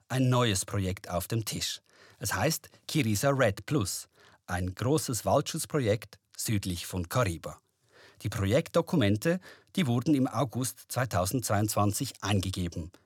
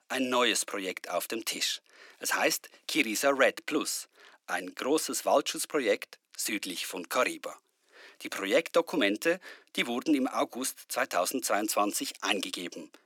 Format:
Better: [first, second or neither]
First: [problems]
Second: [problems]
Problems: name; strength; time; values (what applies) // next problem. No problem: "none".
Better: first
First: none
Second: thin; somewhat; fading below 250 Hz